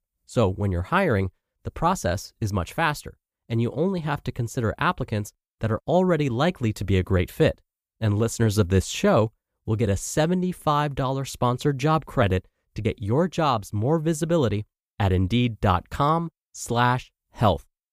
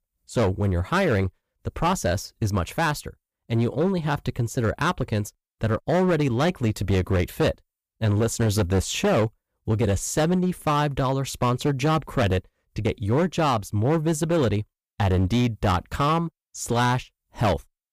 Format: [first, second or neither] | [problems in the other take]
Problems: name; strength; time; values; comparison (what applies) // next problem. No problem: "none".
first | distortion; slight; 10% of the sound clipped